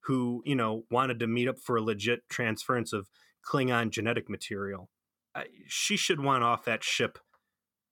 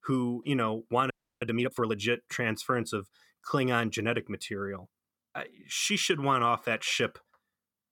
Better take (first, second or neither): first